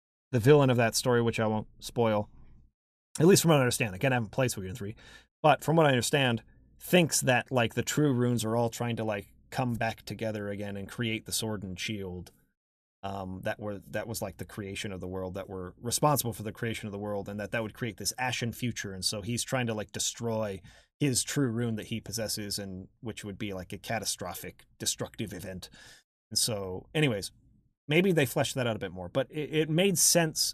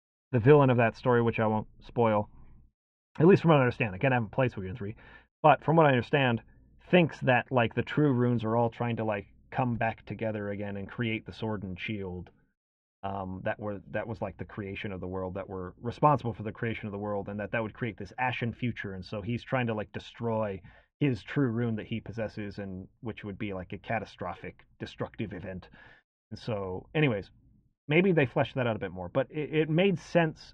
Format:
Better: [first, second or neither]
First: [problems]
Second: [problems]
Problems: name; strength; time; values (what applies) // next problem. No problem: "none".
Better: first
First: none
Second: muffled; very; fading above 2.5 kHz